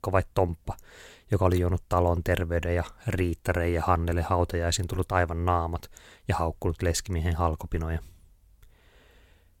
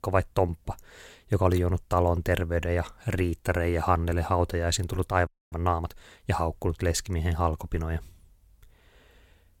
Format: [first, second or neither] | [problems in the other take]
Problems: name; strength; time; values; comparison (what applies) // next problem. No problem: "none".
first | audio freezing; at 5.5 s